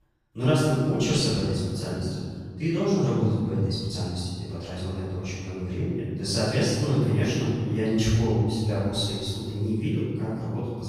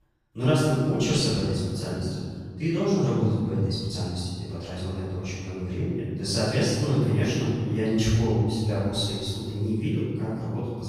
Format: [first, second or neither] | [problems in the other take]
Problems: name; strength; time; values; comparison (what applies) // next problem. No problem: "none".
neither | off-mic speech; far; the same in both // room echo; strong; dies away in 2.1 s; the same in both